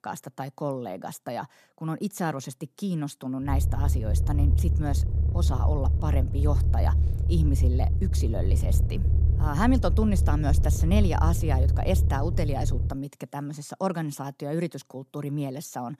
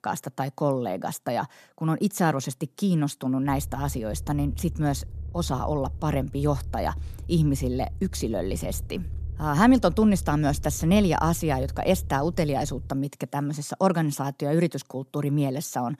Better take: second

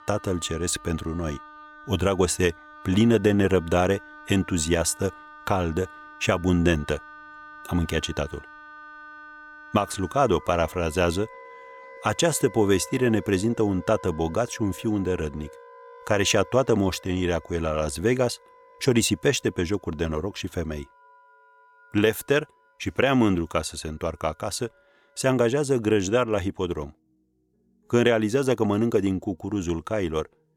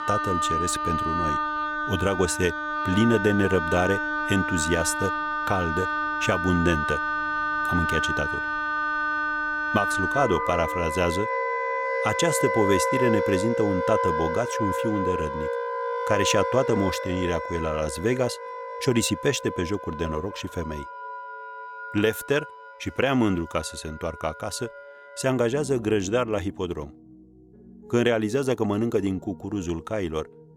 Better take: first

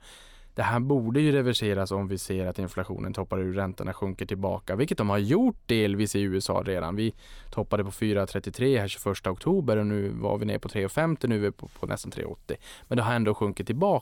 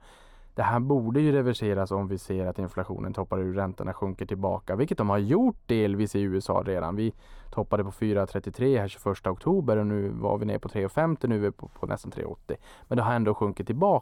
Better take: first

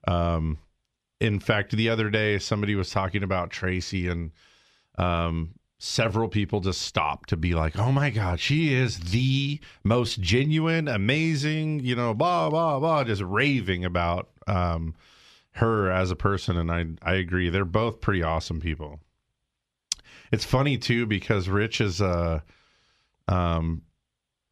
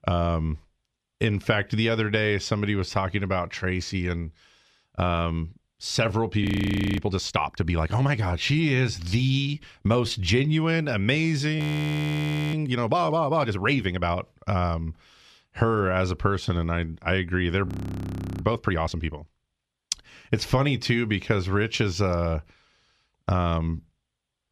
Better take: first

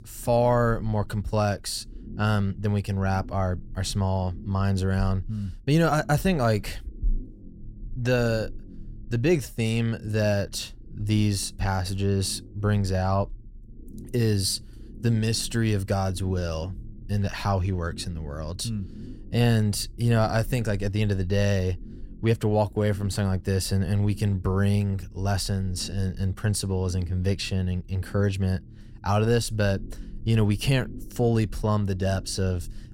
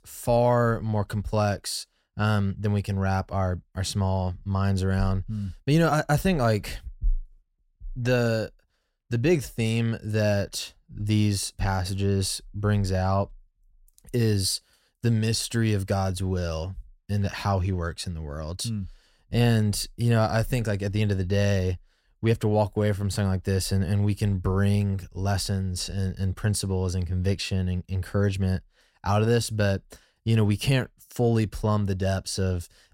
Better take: second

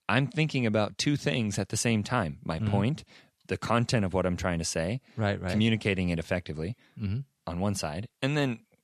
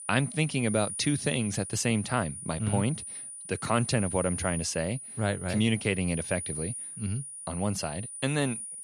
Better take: first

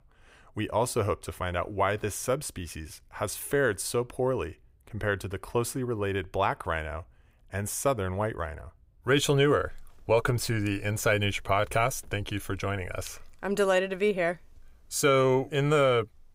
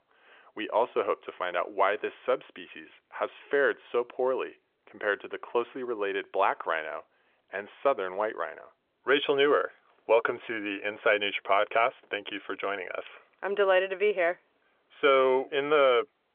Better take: first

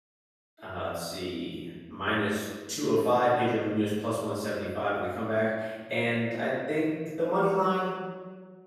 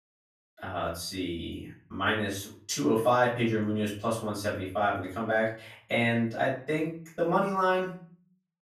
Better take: second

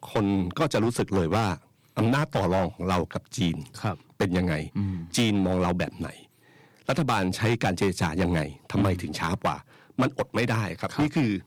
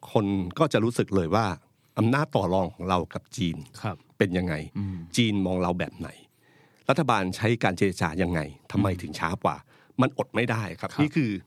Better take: second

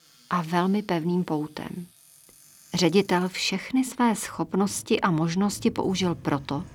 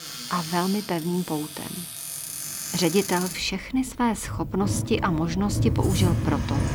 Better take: first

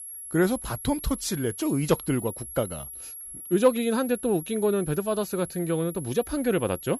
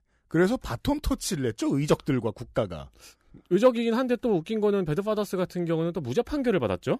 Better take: second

